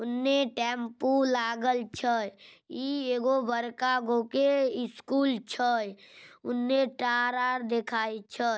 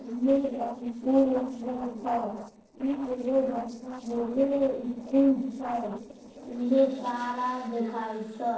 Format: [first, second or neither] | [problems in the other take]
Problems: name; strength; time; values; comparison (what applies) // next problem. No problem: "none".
first | noise reduction (neural separator model SepFormer DNS4)